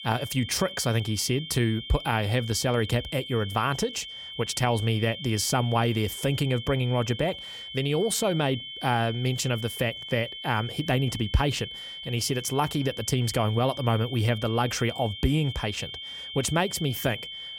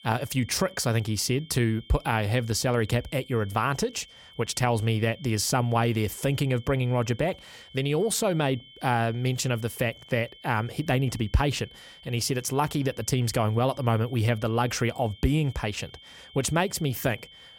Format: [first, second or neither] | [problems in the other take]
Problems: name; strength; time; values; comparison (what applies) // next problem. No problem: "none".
second | high-pitched whine; loud; throughout; 3 kHz, 10 dB below the speech; faint in the second